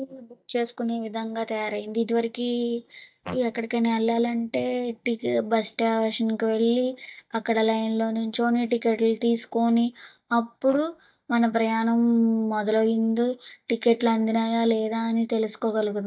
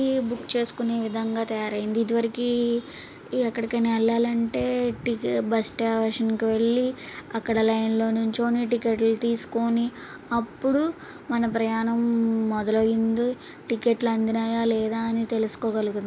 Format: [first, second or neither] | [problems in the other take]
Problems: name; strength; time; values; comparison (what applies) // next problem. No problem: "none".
second | noise reduction (neural mask model DeepFilterNet 3)